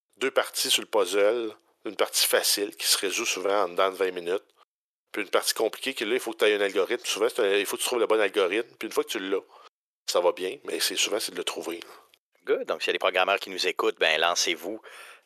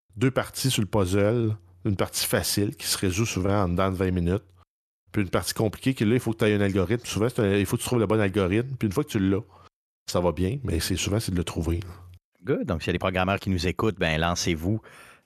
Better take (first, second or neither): second